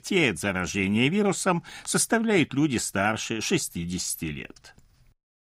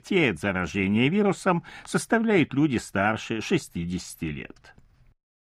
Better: first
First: none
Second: muffled; slightly; fading above 3.5 kHz

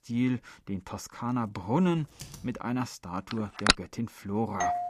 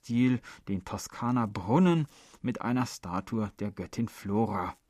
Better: second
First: keyboard typing; faint; at 2 s; peak 15 dB below the speech // phone ringing; loud; at 3.5 s; peak 8 dB above the speech // doorbell; very faint; at 4.5 s; peak 2 dB above the speech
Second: none

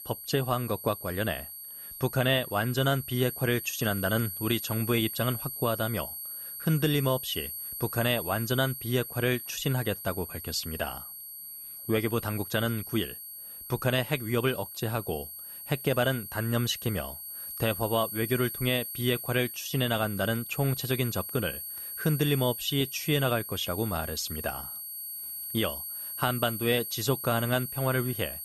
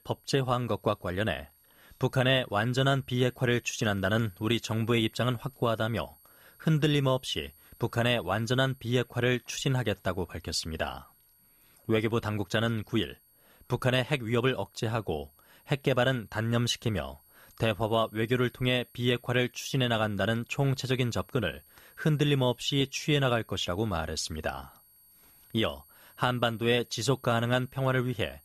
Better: second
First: high-pitched whine; loud; throughout; 11.5 kHz, 7 dB below the speech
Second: high-pitched whine; faint; throughout; 11.5 kHz, 30 dB below the speech

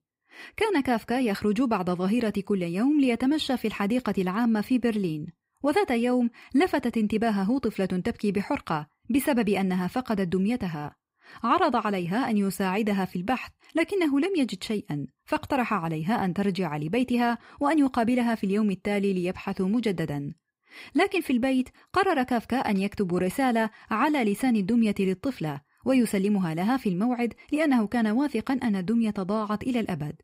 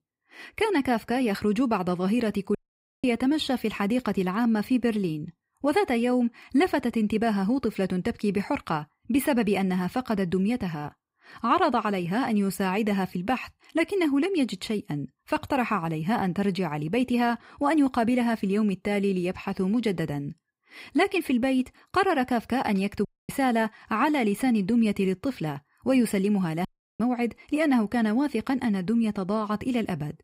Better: first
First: none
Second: audio cutting out; at 2.5 s, at 23 s and at 27 s

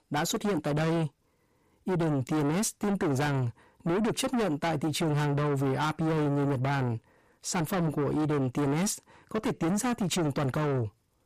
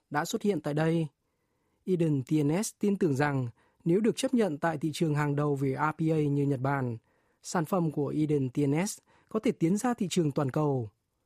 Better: second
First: distortion; heavy; 6 dB below the speech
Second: none

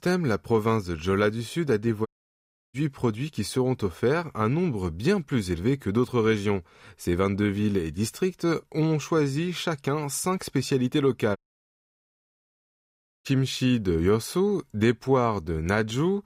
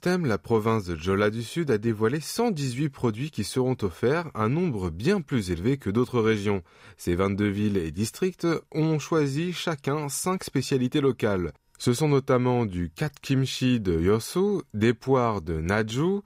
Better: second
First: audio cutting out; at 2 s for 0.5 s and at 11 s for 2 s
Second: none

